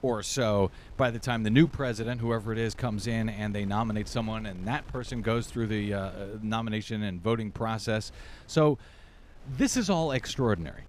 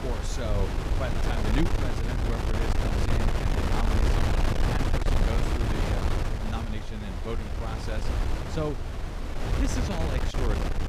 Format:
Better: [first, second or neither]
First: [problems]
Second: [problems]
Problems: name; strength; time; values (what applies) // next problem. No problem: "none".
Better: first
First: wind noise on the microphone; occasional gusts; 25 dB below the speech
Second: wind noise on the microphone; heavy; 4 dB above the speech